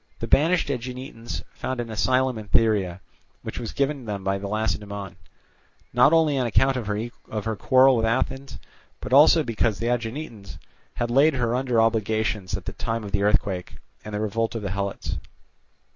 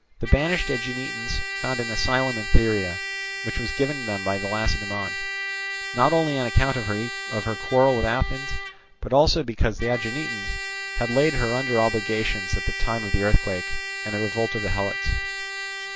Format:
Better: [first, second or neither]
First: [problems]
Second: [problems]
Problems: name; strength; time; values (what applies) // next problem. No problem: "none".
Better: first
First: none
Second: background sound (Trumpet); 7 dB below the speech